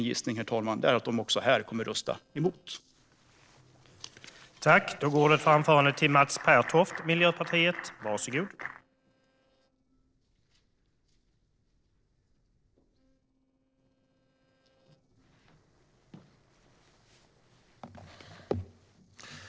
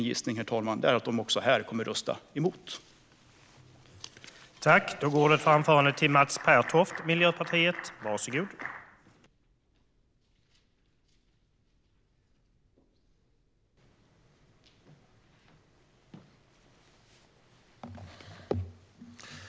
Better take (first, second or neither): second